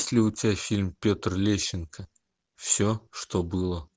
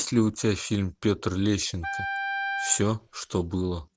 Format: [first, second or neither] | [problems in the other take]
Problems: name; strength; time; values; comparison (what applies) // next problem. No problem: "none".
first | background sound (Wind instrument, woodwind instrument); 6 dB below the speech